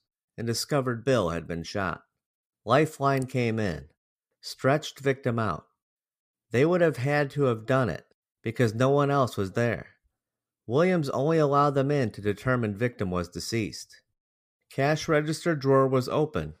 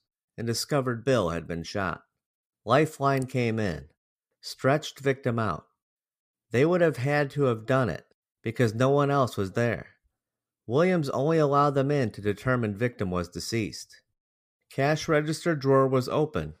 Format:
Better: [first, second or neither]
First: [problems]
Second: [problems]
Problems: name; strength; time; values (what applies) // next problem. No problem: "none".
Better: neither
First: none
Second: none